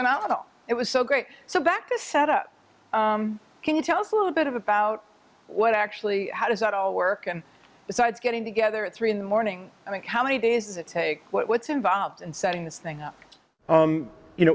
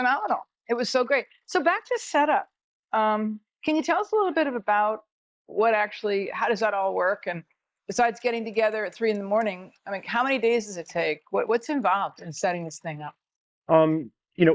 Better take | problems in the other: first | noise reduction (neural mask model Resemble Enhance denoiser)

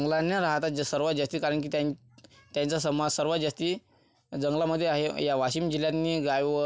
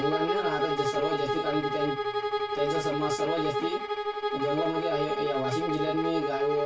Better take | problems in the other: first | background sound (Bowed string instrument); 1 dB above the speech // room echo; dies away in 0.2 s

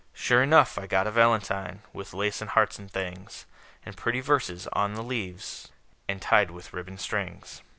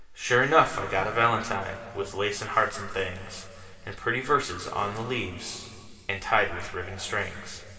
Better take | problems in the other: first | room echo; dies away in 2.5 s

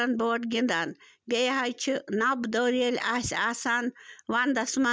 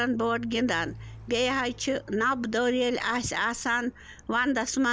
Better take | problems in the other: first | background sound (Car); 19 dB below the speech

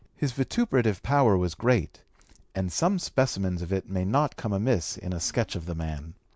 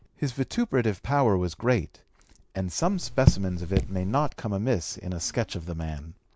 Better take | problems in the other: first | background sound (Raindrop / Drip); 1 dB above the speech

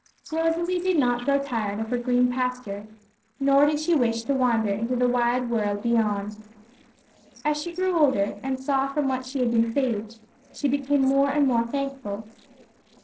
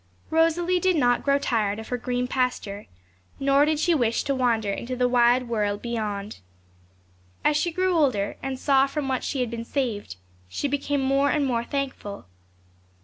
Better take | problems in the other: second | noise reduction (neural separator model SepFormer DNS4)

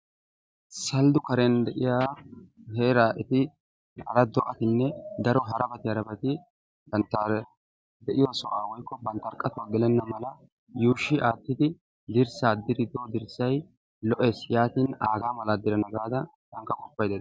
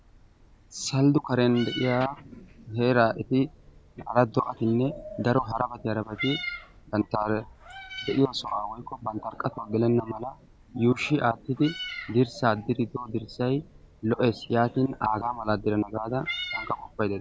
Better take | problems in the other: first | background sound (Meow); 16 dB below the speech

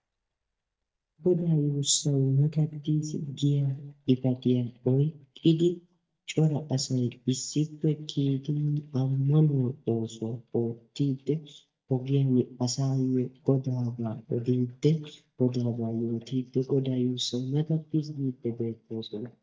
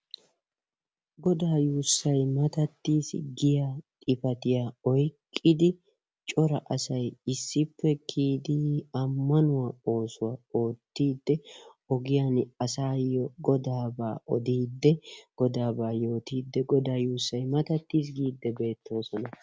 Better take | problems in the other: second | noise reduction (neural mask model DeepFilterNet 3)

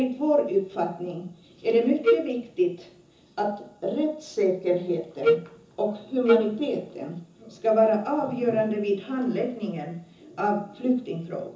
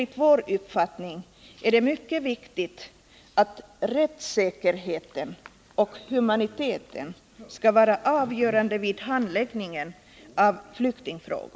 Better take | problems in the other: second | background sound (Wind instrument, woodwind instrument); 2 dB above the speech // room echo; dies away in 0.6 s

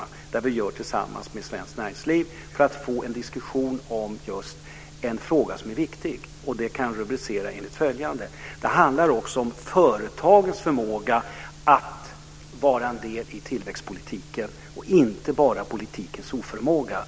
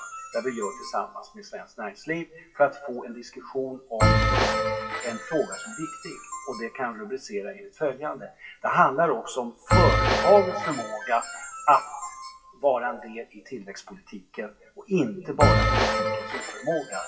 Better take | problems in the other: first | noise reduction (classical method WPE with log-MMSE)

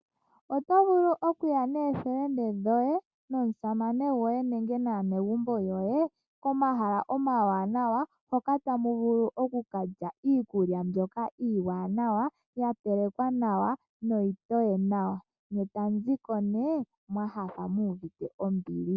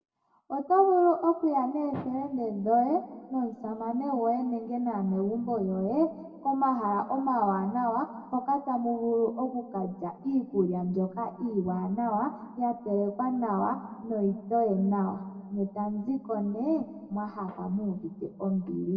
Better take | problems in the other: first | room echo; dies away in 1.4 s

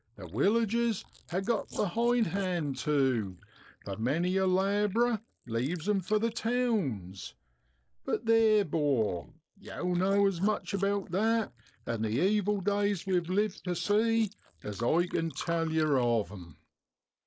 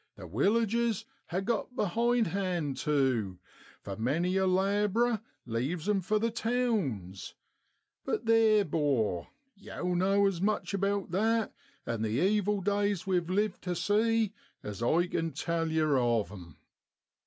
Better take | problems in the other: second | noise reduction (neural mask model Resemble Enhance denoiser)

